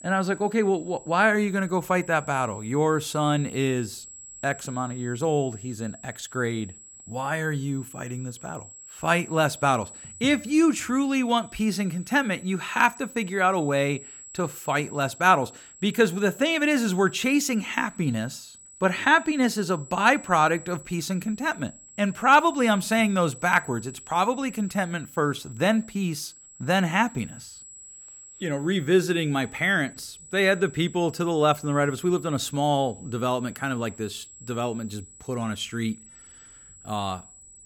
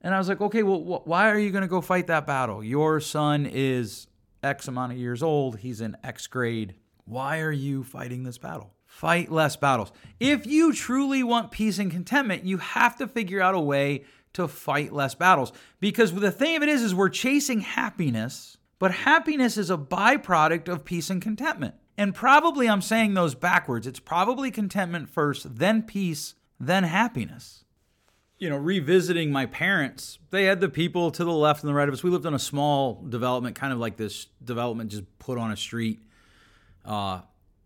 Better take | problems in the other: second | high-pitched whine; noticeable; throughout; 7.5 kHz, 20 dB below the speech

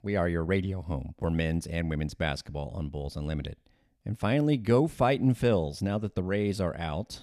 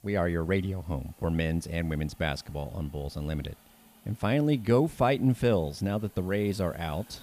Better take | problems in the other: first | hiss; faint; throughout; 25 dB below the speech

